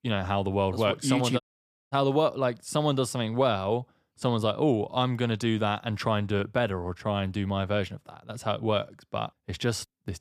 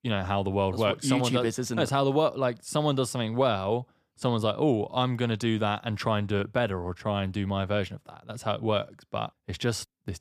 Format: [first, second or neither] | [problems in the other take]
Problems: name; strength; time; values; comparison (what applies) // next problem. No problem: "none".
second | audio cutting out; at 1.5 s for 0.5 s